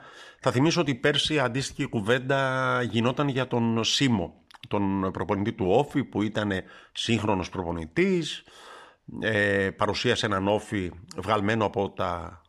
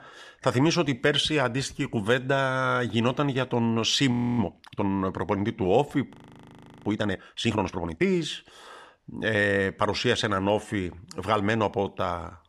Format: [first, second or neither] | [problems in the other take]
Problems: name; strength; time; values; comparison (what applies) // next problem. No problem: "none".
first | audio freezing; at 4 s and at 6 s for 0.5 s